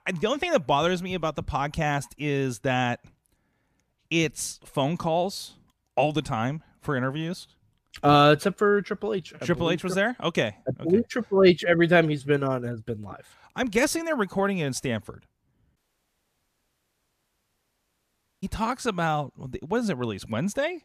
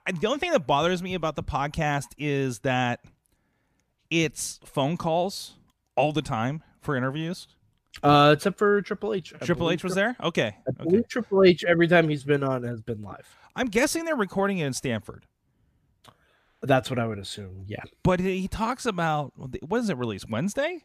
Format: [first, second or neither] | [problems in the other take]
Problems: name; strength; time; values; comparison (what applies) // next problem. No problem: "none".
second | audio cutting out; at 16 s for 2.5 s